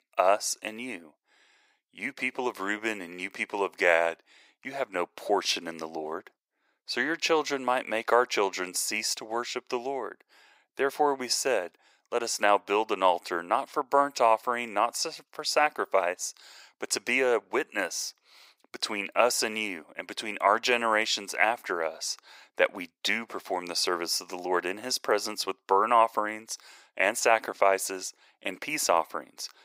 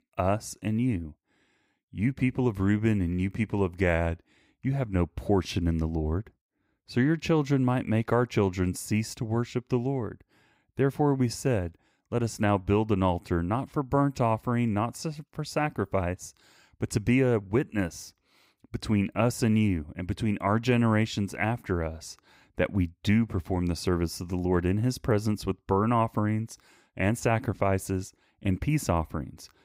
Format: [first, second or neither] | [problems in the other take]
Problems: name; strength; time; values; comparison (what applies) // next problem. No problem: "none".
second | thin; very; fading below 500 Hz